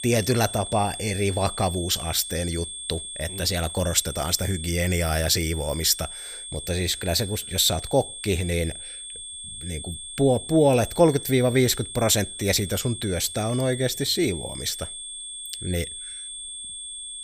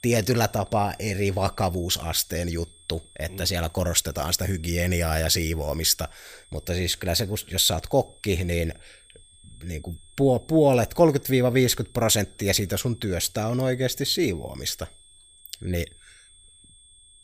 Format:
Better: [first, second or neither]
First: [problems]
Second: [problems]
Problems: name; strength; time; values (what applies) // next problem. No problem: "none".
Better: second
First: high-pitched whine; loud; throughout; 3.5 kHz, 10 dB below the speech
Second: high-pitched whine; faint; throughout; 3.5 kHz, 30 dB below the speech